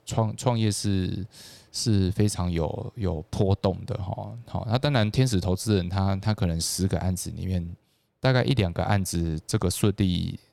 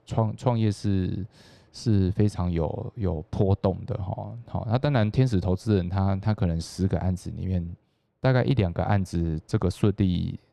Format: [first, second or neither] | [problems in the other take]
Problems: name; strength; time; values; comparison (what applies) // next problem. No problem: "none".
first | muffled; slightly; fading above 1.5 kHz